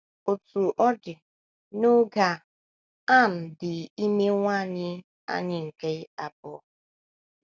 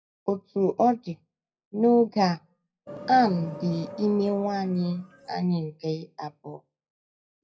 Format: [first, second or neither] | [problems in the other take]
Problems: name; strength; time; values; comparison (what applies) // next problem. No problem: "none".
first | noise reduction (classical method WPE with log-MMSE)